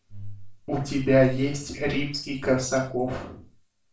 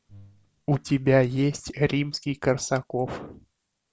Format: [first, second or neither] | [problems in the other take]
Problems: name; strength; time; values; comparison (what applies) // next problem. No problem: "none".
second | room echo; dies away in 0.3 s